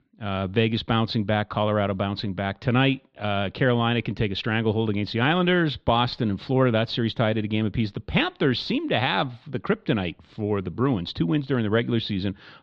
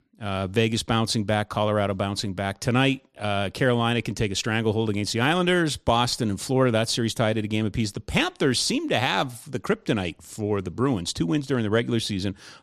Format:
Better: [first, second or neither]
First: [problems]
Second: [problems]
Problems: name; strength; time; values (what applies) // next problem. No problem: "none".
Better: second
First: muffled; slightly; fading above 4 kHz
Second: none